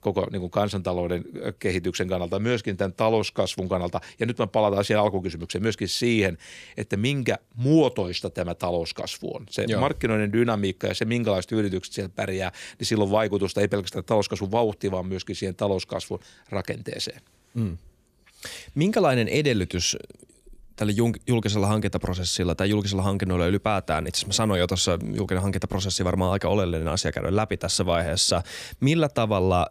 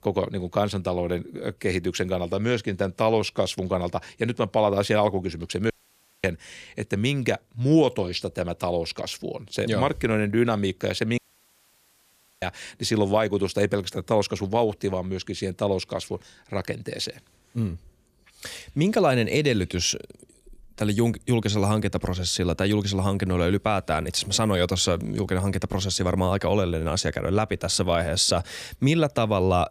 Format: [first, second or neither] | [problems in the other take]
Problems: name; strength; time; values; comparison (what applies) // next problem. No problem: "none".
first | audio cutting out; at 5.5 s for 0.5 s and at 11 s for 1 s